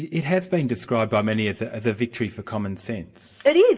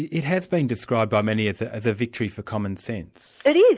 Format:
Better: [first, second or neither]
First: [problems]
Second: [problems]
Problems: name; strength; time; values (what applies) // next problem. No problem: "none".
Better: second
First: room echo; dies away in 0.5 s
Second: none